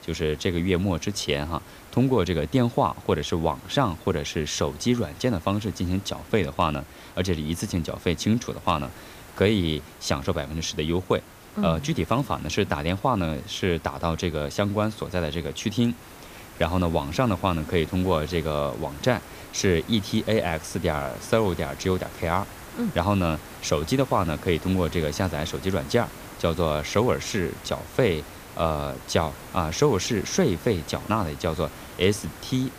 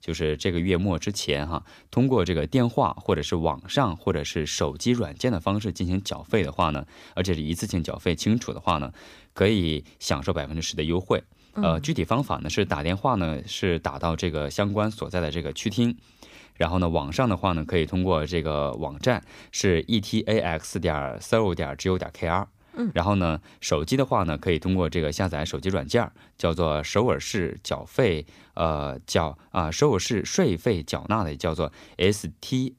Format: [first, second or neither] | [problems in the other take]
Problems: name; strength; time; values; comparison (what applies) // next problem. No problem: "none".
second | hiss; noticeable; throughout; 15 dB below the speech